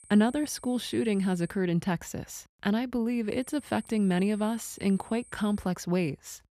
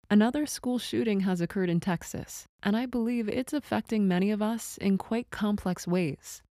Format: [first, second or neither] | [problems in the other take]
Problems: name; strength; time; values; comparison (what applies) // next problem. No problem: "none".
second | high-pitched whine; faint; until 1.5 s and from 3.5 to 5.5 s; 8.5 kHz, 20 dB below the speech